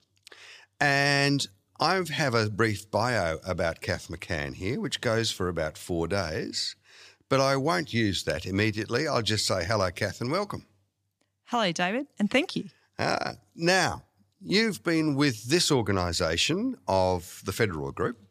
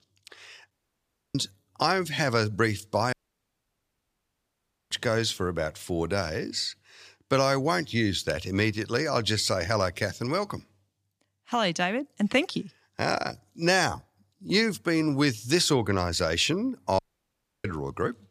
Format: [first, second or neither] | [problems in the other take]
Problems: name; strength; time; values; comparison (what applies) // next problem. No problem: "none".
first | audio cutting out; at 0.5 s for 0.5 s, at 3 s for 2 s and at 17 s for 0.5 s